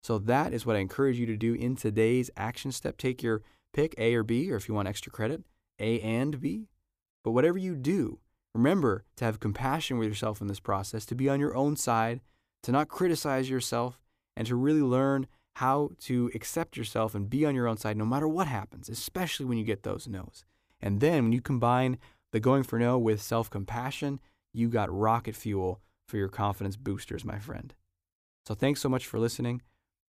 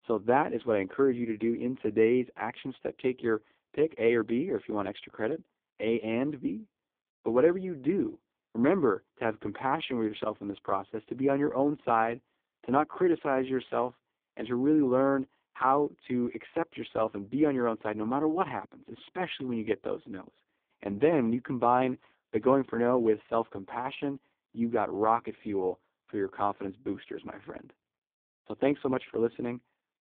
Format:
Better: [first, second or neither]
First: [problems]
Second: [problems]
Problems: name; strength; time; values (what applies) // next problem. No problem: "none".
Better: first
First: none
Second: phone-call audio; poor line